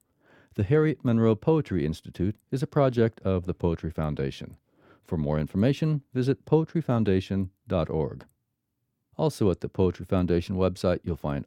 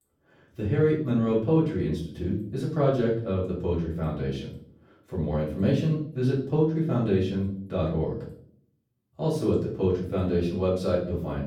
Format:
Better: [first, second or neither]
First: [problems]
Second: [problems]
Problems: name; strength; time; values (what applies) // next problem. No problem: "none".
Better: first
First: none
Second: off-mic speech; far // room echo; noticeable; dies away in 0.5 s